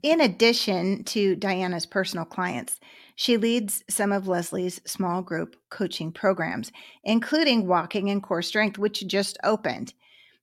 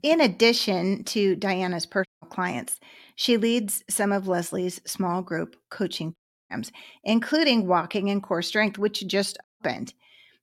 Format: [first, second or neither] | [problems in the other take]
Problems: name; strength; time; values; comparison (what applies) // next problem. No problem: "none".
first | audio cutting out; at 2 s, at 6 s and at 9.5 s